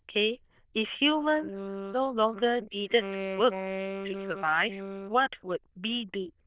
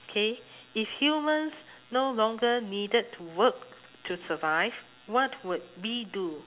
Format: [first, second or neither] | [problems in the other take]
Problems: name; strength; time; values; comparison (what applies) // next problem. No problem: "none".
second | noise reduction (neural diffusion model UNIVERSE++)